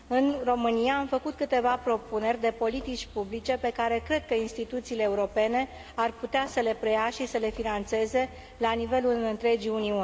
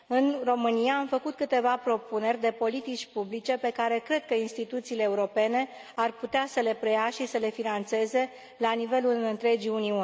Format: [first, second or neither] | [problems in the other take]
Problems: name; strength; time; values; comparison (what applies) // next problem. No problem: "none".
second | background sound (Walk, footsteps); 20 dB below the speech